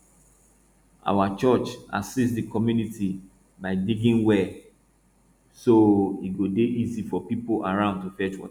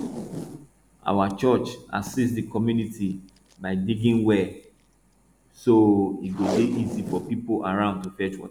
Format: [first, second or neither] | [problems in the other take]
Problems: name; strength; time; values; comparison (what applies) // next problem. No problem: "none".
first | background sound (Packing tape, duct tape); 13 dB below the speech